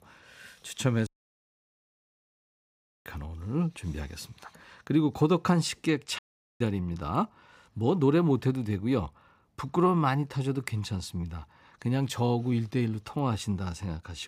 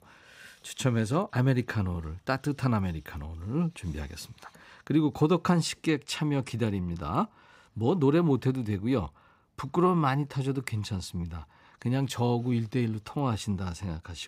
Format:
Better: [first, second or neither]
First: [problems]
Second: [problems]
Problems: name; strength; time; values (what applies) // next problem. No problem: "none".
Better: second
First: audio cutting out; at 1 s for 2 s and at 6 s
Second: none